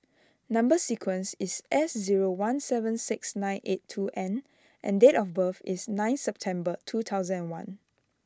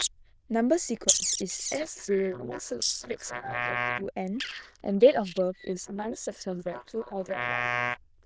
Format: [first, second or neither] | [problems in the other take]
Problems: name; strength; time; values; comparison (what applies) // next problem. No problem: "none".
first | noise reduction (neural diffusion model UNIVERSE++)